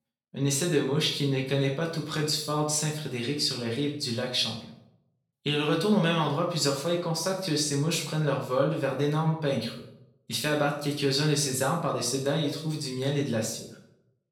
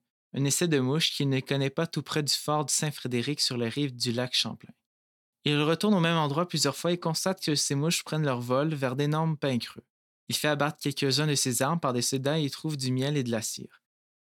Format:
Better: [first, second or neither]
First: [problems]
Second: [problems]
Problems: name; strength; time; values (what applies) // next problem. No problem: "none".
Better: second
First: room echo; noticeable; dies away in 0.5 s // off-mic speech; far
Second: none